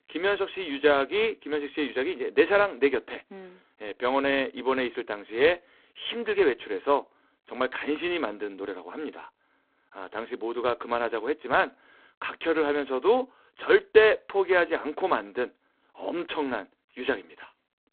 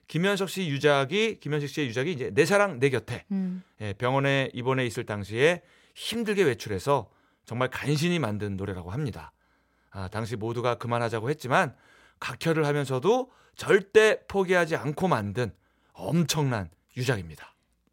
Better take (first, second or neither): second